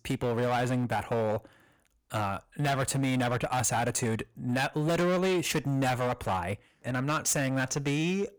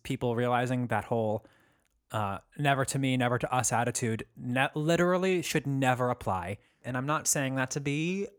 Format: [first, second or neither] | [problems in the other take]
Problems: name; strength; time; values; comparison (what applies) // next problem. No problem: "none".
second | distortion; heavy; 14% of the sound clipped